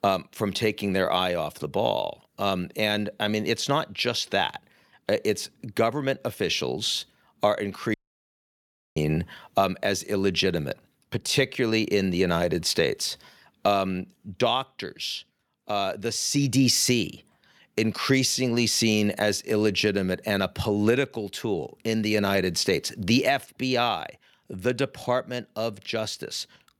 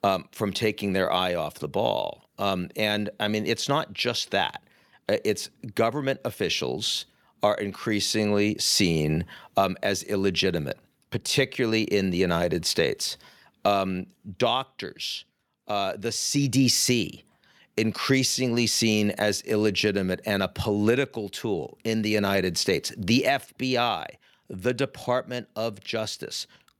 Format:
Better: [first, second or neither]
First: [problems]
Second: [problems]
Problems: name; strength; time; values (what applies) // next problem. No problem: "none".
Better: second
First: audio cutting out; at 8 s for 1 s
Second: none